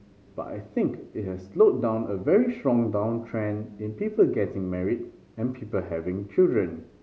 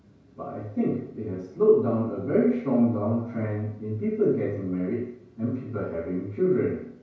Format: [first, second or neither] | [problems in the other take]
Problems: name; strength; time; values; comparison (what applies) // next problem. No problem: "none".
first | room echo; dies away in 0.5 s